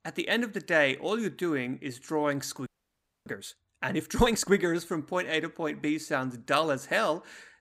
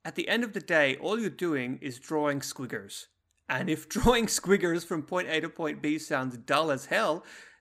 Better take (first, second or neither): second